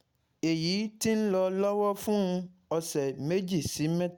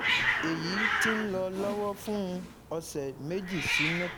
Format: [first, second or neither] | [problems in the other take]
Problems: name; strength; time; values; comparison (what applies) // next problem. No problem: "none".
first | background sound (Hiss); 1 dB above the speech